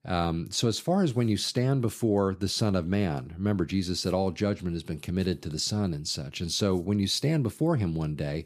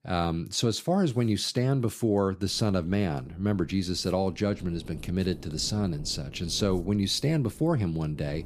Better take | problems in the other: first | wind noise on the microphone; occasional gusts; from 2.5 s on; 25 dB below the speech

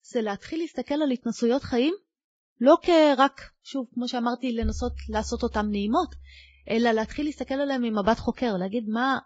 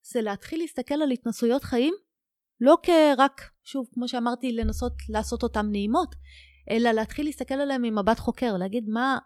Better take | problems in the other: second | garbled, watery; badly; nothing above 7.5 kHz

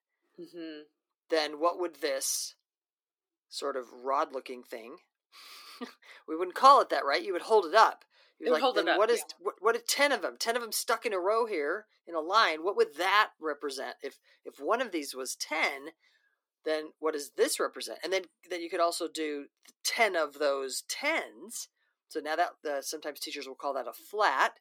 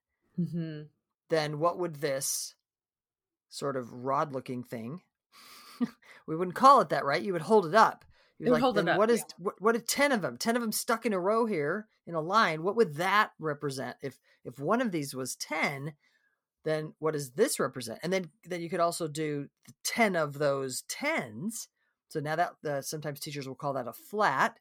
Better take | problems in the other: second | thin; somewhat; fading below 300 Hz

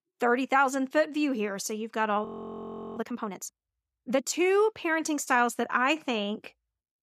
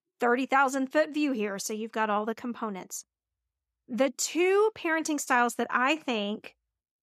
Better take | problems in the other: second | audio freezing; at 2.5 s for 0.5 s

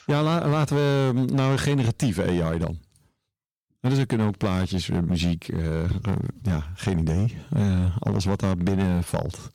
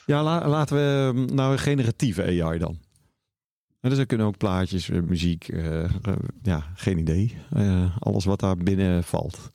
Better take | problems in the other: second | distortion; slight; 8% of the sound clipped

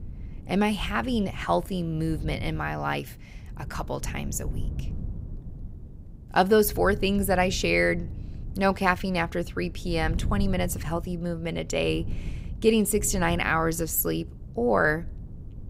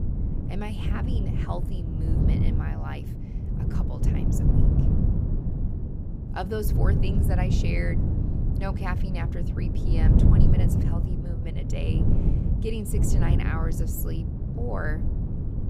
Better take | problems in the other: first | wind noise on the microphone; heavy; as loud as the speech; occasional gusts in the first

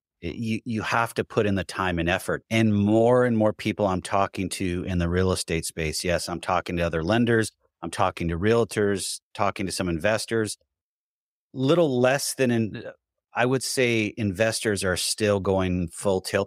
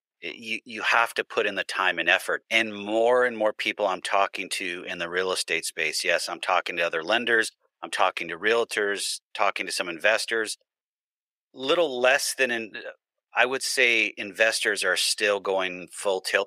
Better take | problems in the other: first | thin; very; fading below 550 Hz

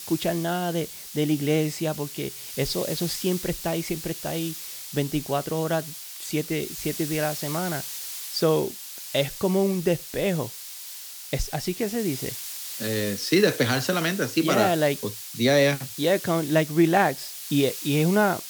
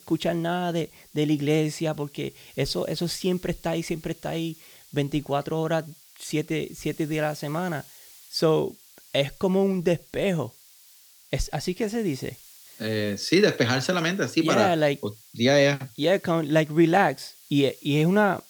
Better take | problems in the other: second | hiss; loud; throughout; 9 dB below the speech; faint in the second

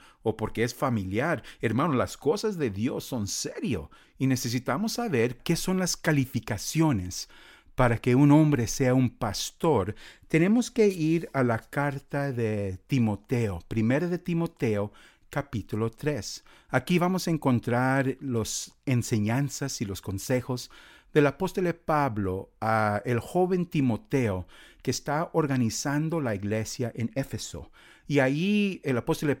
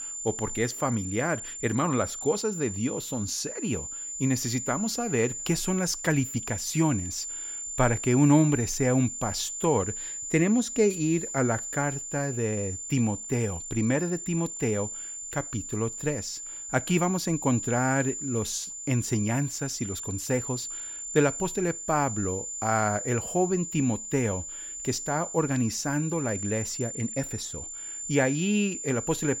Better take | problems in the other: first | high-pitched whine; loud; throughout; 7 kHz, 6 dB below the speech

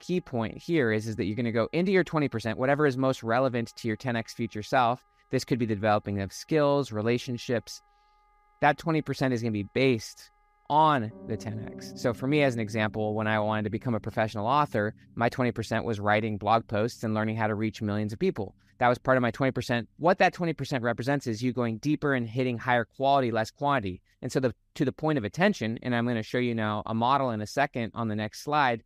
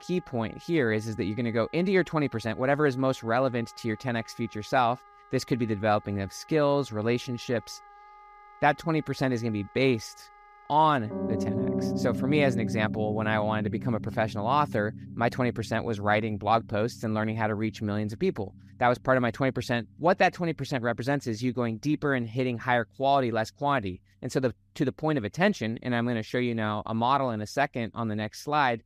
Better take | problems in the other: first | background music; loud; throughout; 9 dB below the speech; faint in the first

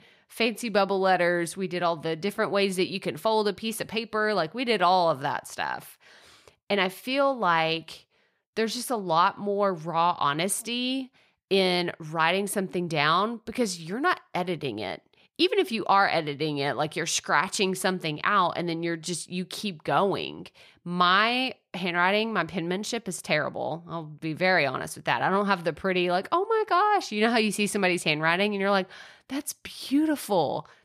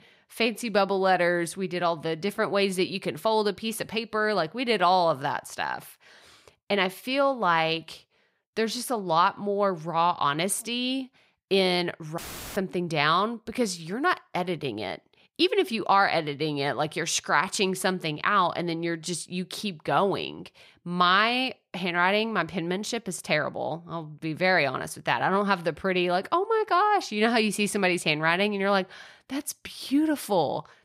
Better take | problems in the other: first | audio cutting out; filled with static; at 12 s

